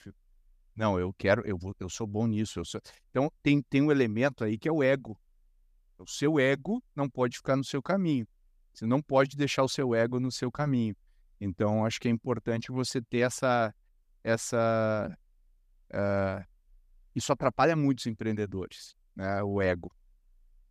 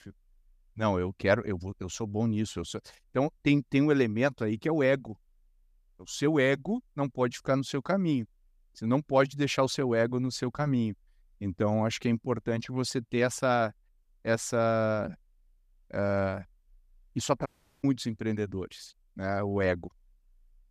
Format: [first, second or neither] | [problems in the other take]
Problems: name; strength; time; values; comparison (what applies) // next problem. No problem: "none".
first | audio cutting out; at 17 s